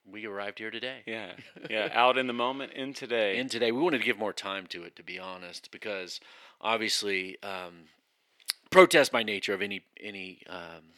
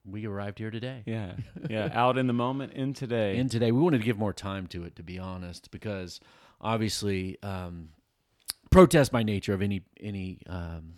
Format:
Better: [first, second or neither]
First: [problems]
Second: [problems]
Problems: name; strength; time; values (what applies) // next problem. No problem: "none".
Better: second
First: thin; somewhat; fading below 400 Hz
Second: none